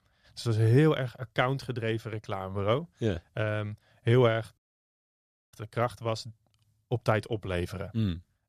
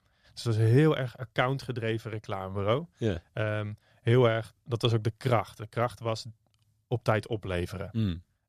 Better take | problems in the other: second | audio cutting out; at 4.5 s for 1 s

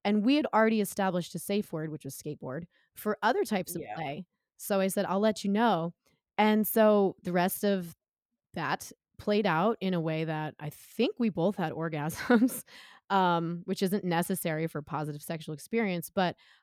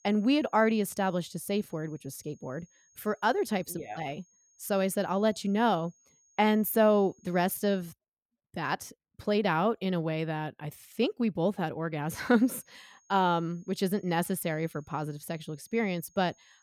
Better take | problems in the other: first | high-pitched whine; faint; until 8 s and from 12 s on; 6.5 kHz, 35 dB below the speech

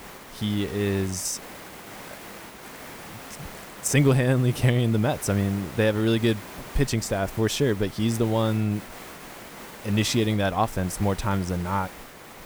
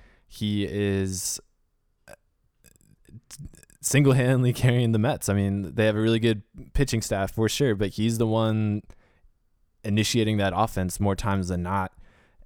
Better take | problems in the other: second | hiss; noticeable; throughout; 15 dB below the speech

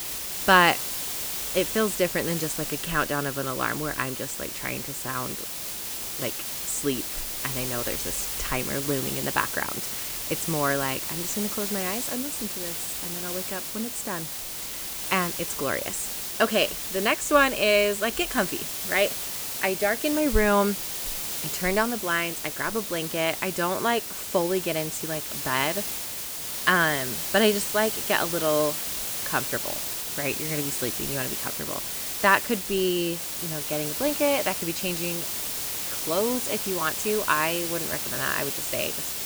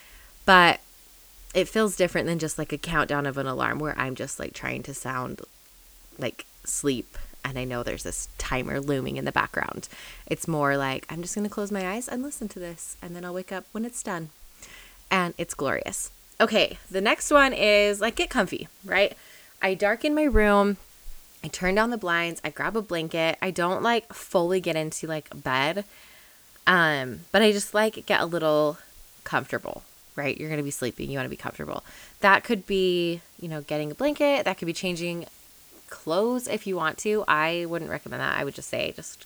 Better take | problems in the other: second | hiss; loud; throughout; 2 dB below the speech; faint in the second

